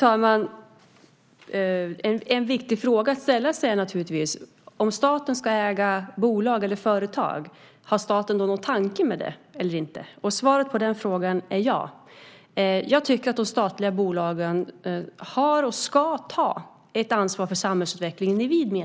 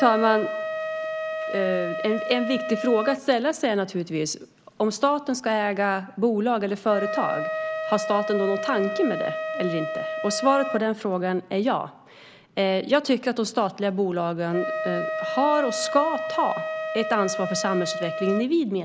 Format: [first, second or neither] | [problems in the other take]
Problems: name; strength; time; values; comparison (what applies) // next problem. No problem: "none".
first | background sound (Wind instrument, woodwind instrument); 7 dB below the speech